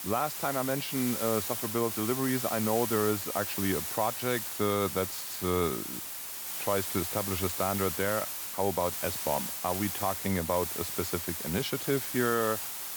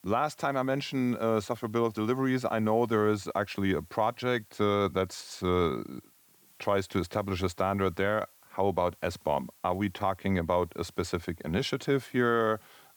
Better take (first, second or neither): second